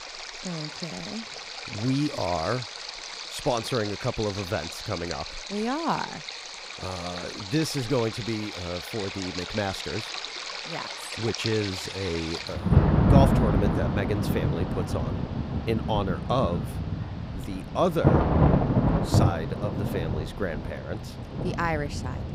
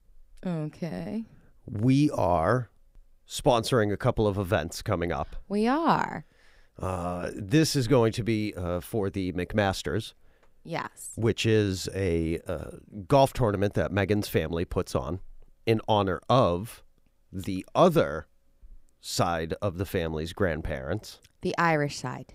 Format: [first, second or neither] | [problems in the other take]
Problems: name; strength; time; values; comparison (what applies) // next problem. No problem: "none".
second | rain or running water; very loud; throughout; 2 dB above the speech